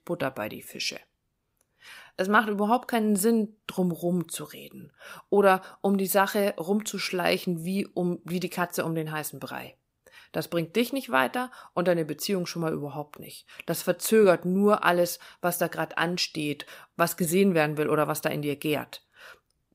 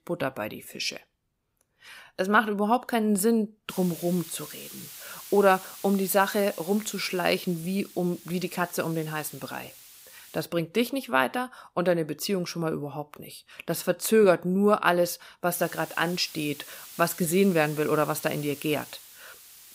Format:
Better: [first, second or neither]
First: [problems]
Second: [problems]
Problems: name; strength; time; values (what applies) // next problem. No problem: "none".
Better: first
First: none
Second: hiss; noticeable; from 3.5 to 10 s and from 16 s on; 15 dB below the speech